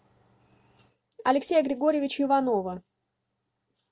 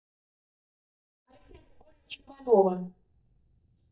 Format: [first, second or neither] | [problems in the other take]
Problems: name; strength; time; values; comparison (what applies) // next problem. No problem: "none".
first | noise reduction (neural mask model DeepFilterNet 3)